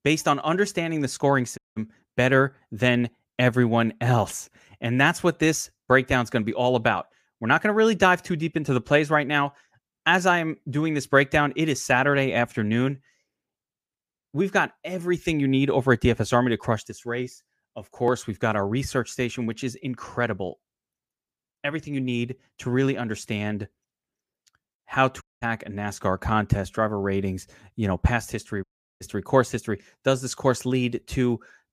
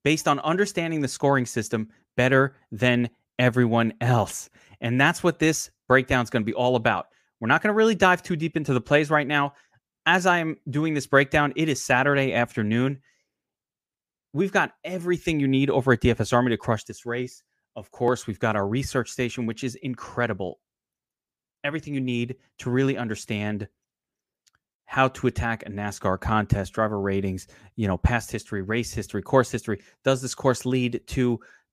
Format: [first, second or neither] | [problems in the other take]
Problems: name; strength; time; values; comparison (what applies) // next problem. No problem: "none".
second | audio cutting out; at 1.5 s, at 25 s and at 29 s